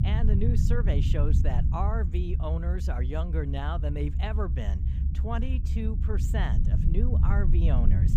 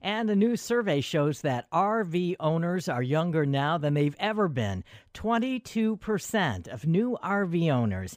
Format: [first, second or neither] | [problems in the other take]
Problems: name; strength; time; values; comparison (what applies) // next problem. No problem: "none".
second | low rumble; loud; throughout; 6 dB below the speech